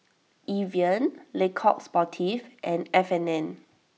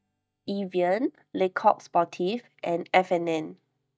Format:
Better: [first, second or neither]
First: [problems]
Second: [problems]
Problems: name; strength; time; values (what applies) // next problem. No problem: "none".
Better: first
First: none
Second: noise reduction (neural mask model DeepFilterNet 3)